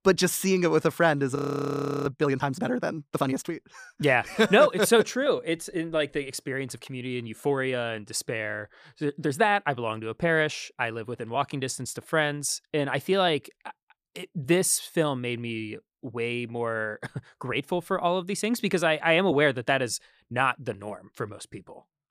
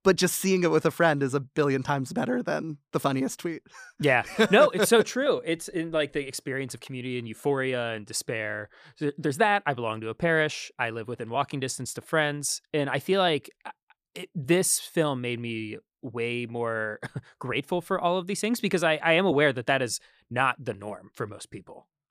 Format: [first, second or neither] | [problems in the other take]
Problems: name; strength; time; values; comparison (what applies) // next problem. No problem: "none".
second | audio freezing; at 1.5 s for 0.5 s